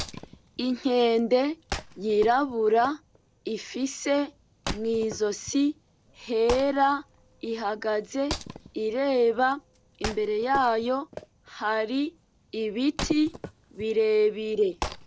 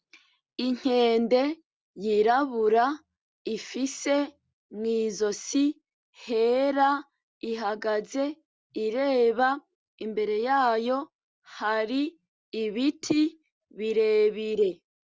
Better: second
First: background sound (Wood); 14 dB below the speech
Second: none

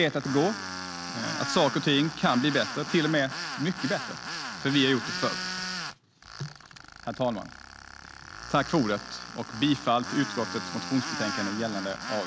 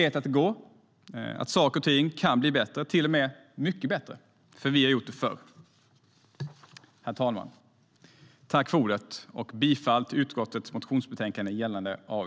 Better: second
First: background sound (Tools); 8 dB below the speech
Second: none

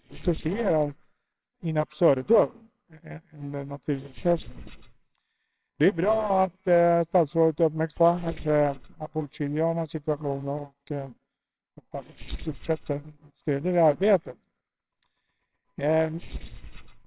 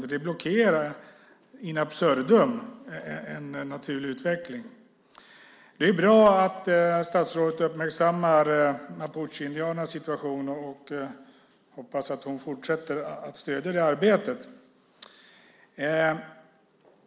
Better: second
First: noise reduction (neural separator model SepFormer WHAMR!)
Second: none

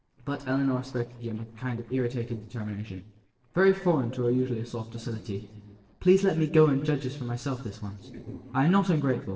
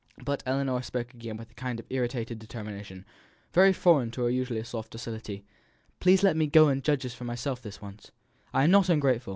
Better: second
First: noise reduction (neural separator model SepFormer DNS4)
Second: none

